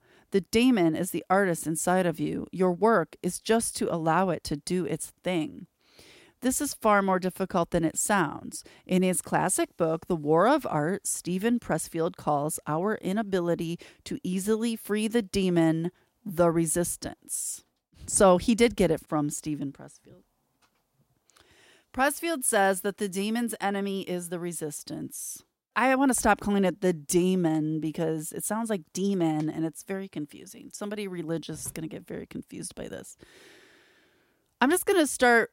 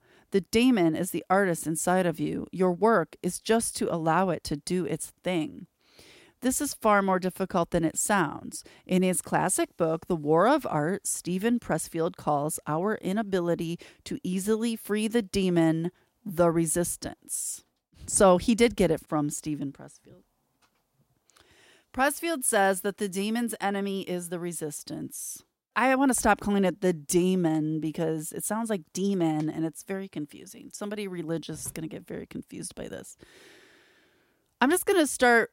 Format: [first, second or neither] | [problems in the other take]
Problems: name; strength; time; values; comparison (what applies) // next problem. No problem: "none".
neither | none